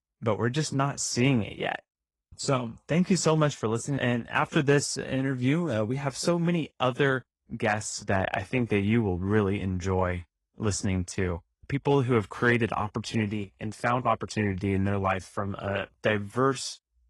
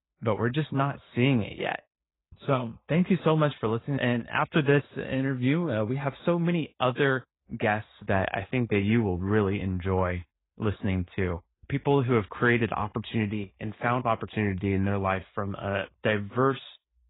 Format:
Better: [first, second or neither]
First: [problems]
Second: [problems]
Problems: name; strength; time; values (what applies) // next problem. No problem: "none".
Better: first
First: garbled, watery; slightly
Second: garbled, watery; badly; nothing above 4 kHz